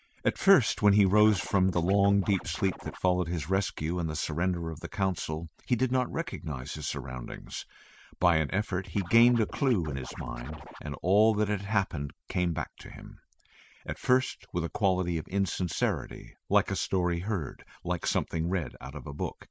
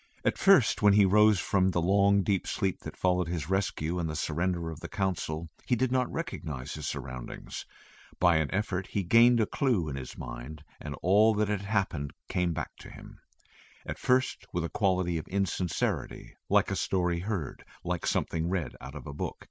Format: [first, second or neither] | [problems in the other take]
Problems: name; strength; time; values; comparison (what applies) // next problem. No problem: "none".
second | noise reduction (neural mask model Resemble Enhance denoiser)